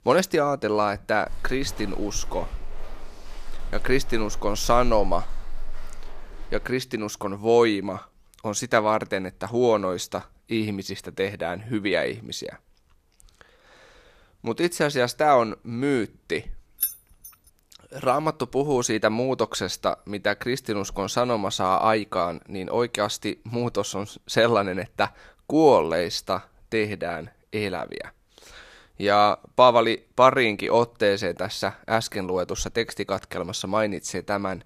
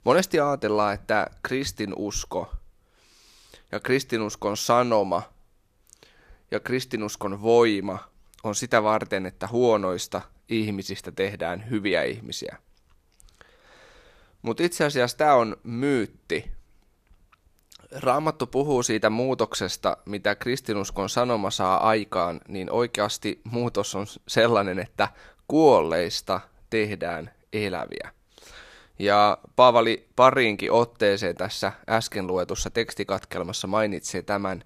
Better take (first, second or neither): second